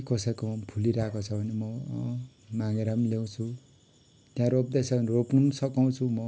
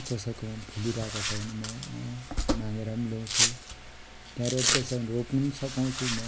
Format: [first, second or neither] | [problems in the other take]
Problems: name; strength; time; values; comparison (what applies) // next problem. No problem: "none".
first | background sound (Domestic sounds, home sounds); as loud as the speech